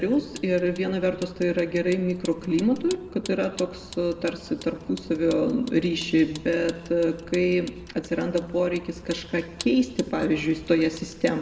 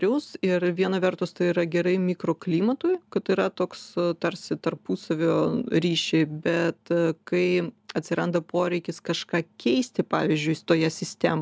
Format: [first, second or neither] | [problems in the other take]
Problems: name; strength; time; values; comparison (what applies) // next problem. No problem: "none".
second | background sound (Vehicle); 19 dB below the speech // room echo; dies away in 1.2 s